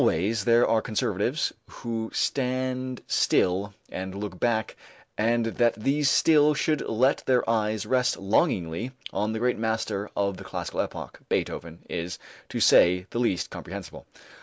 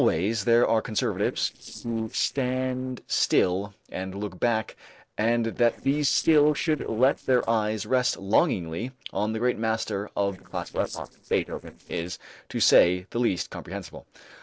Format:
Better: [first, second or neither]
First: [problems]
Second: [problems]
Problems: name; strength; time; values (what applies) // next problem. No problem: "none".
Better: first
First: none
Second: noise reduction (neural separator model SepFormer DNS4)